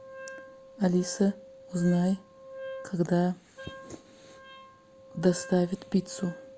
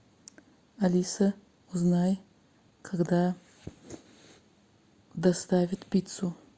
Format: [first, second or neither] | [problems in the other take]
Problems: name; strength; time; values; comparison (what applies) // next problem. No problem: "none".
second | background sound (Wind instrument, woodwind instrument); 16 dB below the speech